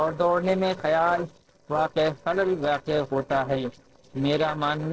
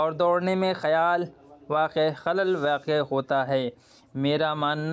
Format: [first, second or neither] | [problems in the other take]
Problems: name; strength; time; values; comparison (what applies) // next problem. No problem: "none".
second | noise reduction (neural separator model SepFormer DNS4)